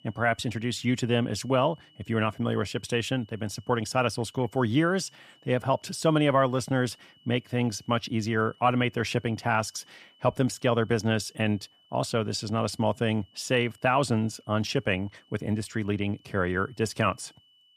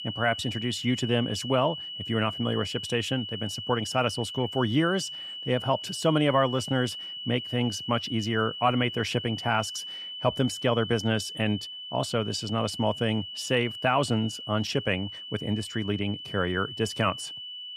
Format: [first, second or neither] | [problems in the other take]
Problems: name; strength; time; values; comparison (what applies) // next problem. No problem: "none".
first | high-pitched whine; loud; throughout; 3 kHz, 8 dB below the speech; faint in the first